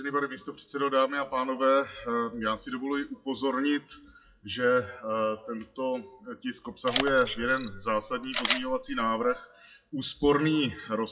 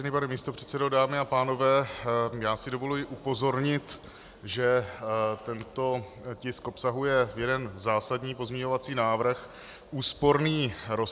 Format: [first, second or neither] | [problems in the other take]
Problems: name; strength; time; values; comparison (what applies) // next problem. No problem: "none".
second | noise reduction (classical method WPE with log-MMSE)